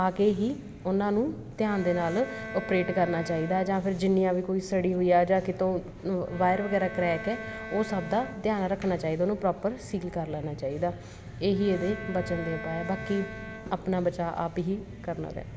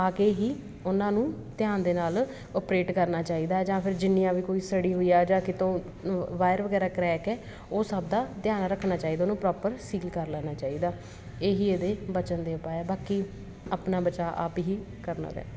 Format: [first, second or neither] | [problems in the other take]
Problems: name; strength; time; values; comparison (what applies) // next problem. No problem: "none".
second | background sound (Bowed string instrument); 14 dB below the speech